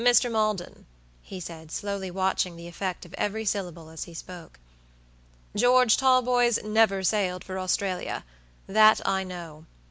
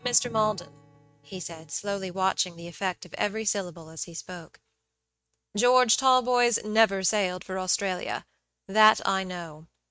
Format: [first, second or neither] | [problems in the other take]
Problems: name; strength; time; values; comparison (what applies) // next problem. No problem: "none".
first | noise reduction (neural mask model RNNoise)